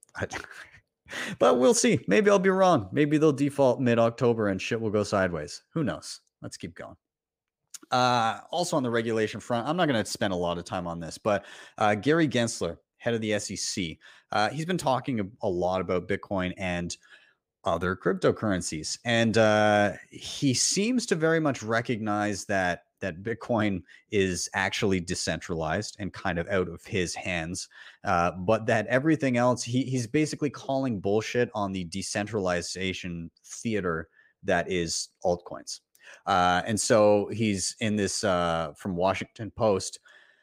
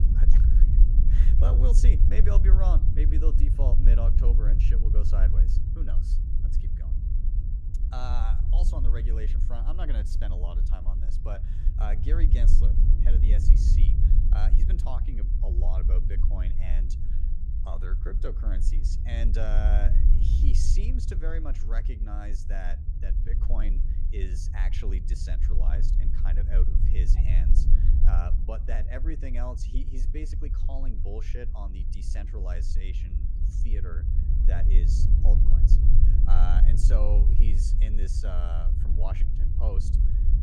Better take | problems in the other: first | low rumble; loud; throughout; 4 dB below the speech

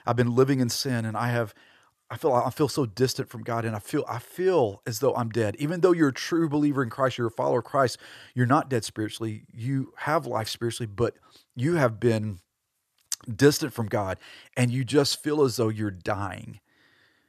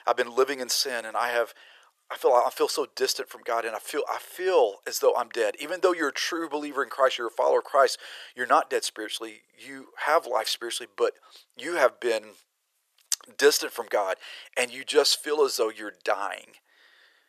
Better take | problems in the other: first | thin; very; fading below 450 Hz

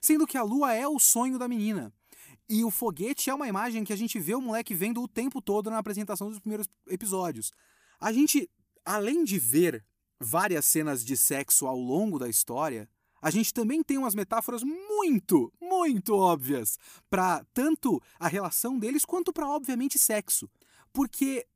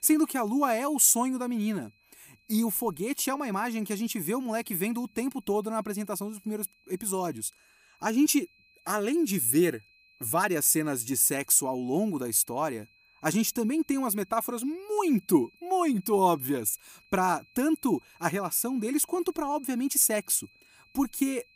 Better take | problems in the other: first | high-pitched whine; faint; throughout; 2.5 kHz, 30 dB below the speech

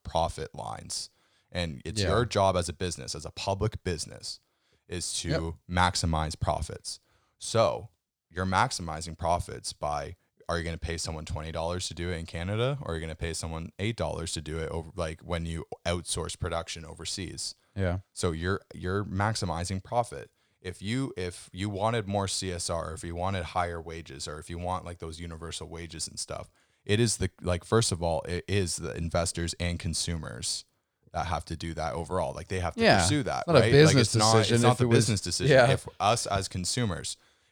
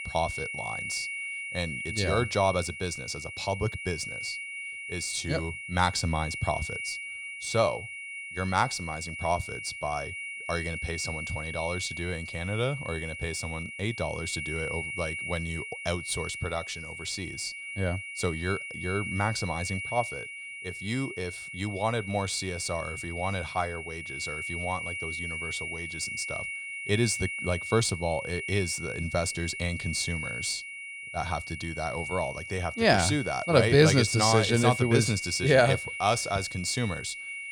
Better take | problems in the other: first | high-pitched whine; loud; throughout; 2 kHz, 6 dB below the speech

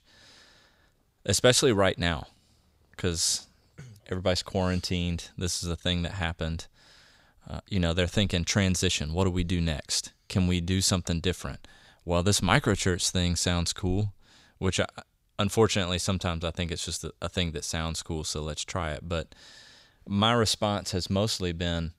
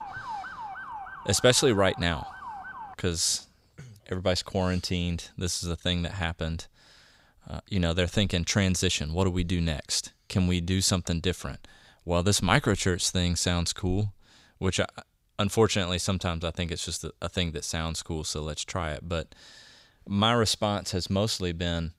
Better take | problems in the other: first | siren; noticeable; until 3 s; peak 9 dB below the speech

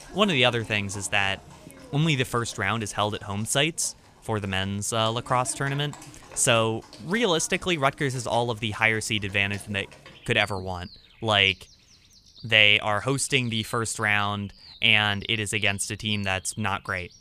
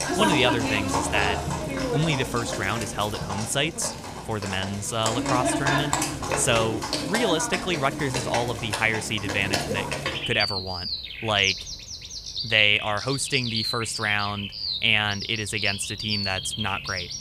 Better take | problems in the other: first | animal sounds; loud; throughout; 3 dB below the speech; faint in the first

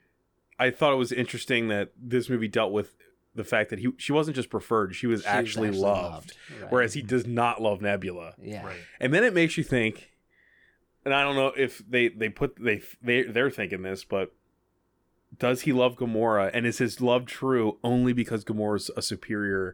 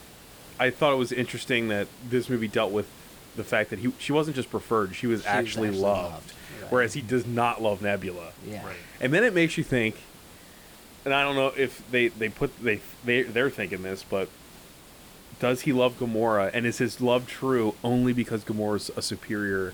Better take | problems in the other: first | hiss; faint; throughout; 20 dB below the speech

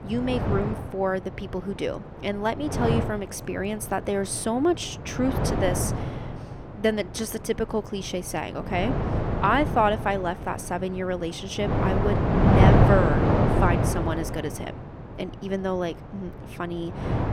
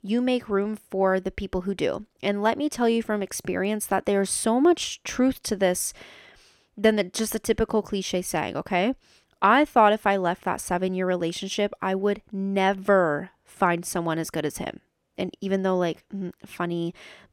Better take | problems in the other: second | wind noise on the microphone; heavy; 1 dB below the speech

